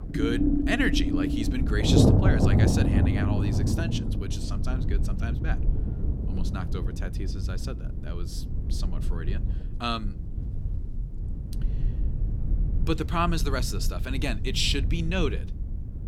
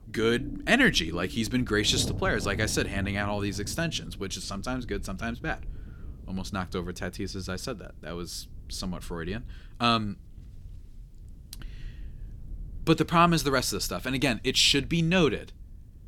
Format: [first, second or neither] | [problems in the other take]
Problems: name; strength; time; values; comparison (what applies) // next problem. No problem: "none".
second | low rumble; loud; throughout; 2 dB below the speech; faint in the second